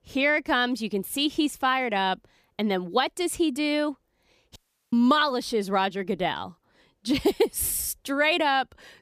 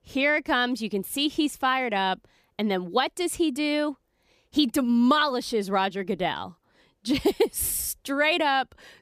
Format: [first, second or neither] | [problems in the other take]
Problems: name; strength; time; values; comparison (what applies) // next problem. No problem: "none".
second | audio cutting out; at 4.5 s